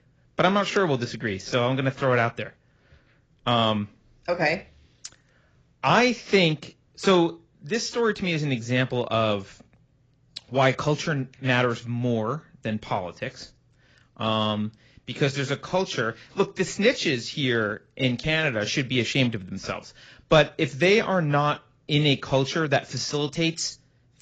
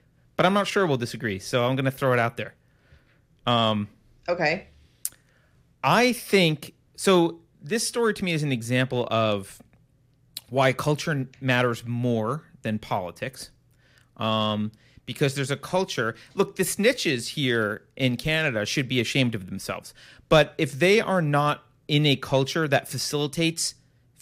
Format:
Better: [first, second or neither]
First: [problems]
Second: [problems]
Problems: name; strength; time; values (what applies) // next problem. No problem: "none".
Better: second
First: garbled, watery; badly; nothing above 7.5 kHz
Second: none